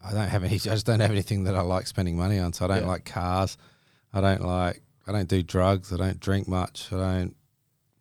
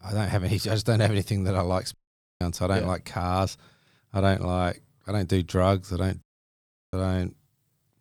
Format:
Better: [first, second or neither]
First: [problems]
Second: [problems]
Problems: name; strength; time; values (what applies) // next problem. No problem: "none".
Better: first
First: none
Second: audio cutting out; at 2 s and at 6 s for 0.5 s